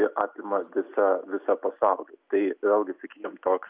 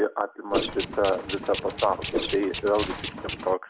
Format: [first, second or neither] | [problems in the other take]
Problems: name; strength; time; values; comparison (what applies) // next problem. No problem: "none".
first | background sound (Tools + Whoosh, swoosh, swish); 6 dB below the speech